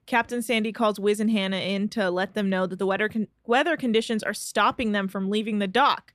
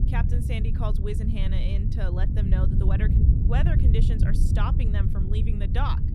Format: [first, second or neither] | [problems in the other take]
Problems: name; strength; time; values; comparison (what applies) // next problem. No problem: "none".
first | wind noise on the microphone; heavy; 2 dB below the speech